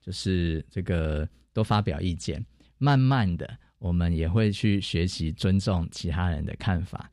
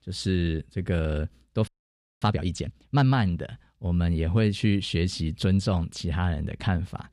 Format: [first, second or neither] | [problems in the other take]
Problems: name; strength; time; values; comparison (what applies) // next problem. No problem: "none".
first | audio freezing; at 1.5 s for 0.5 s